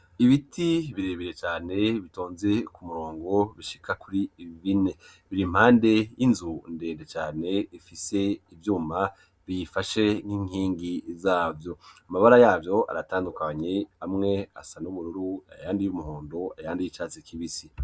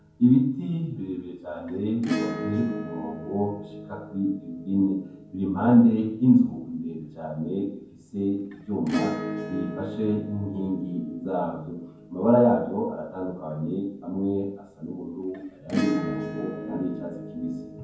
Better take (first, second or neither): first